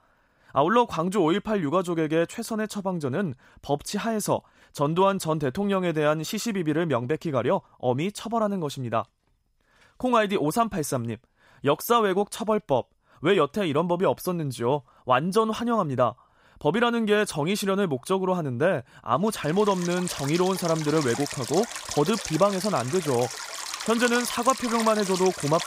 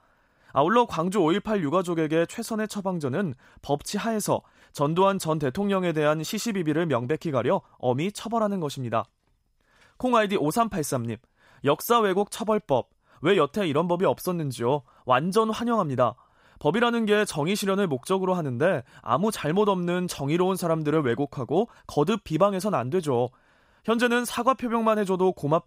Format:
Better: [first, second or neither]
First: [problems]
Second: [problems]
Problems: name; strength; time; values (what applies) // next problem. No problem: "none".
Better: second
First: rain or running water; loud; from 20 s on; 8 dB below the speech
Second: none